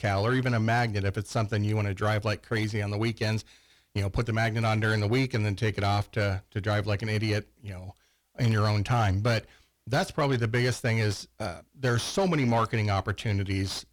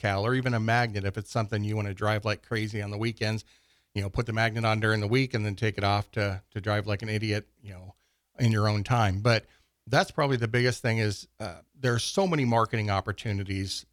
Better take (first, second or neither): second